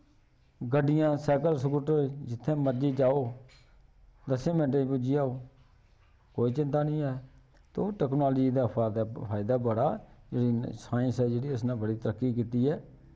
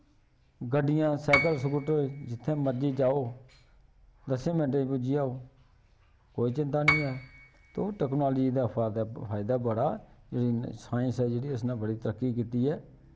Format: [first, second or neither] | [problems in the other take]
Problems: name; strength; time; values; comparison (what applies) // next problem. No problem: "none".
first | background sound (Piano); 4 dB below the speech